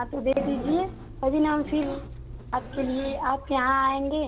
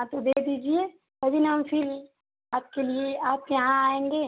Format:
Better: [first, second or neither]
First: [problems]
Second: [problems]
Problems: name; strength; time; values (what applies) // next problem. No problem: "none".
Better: second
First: background sound (Zipper (clothing) + Motor vehicle (road)); 11 dB below the speech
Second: none